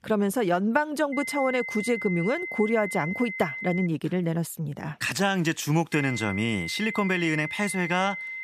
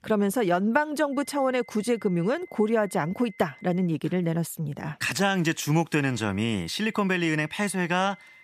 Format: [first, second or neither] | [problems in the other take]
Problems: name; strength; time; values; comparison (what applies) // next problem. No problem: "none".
second | high-pitched whine; loud; from 1 to 4 s and from 6 s on; 2 kHz, 7 dB below the speech; faint in the second